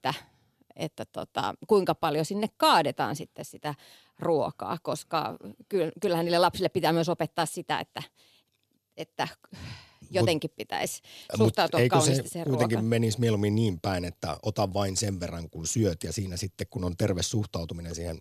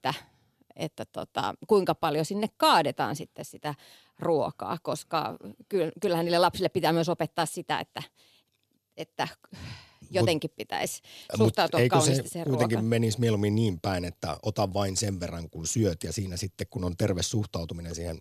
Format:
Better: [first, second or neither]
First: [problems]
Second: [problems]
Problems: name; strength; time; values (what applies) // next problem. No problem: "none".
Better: neither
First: none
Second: none